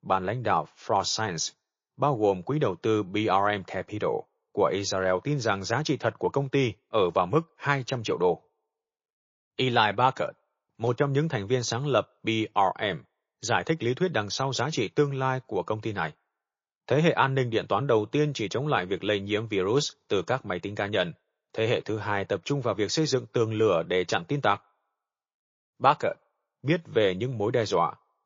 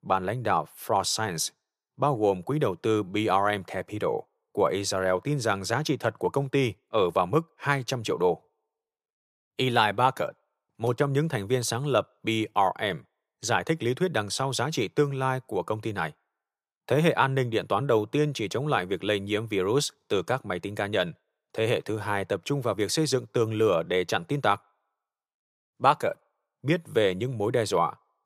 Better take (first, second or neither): second